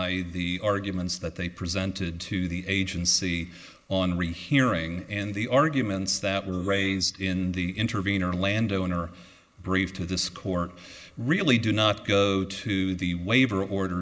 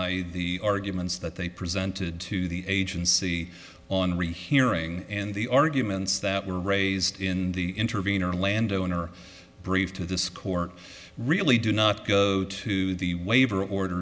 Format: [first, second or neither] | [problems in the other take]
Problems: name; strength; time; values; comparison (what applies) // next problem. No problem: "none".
second | noise reduction (neural mask model Resemble Enhance denoiser)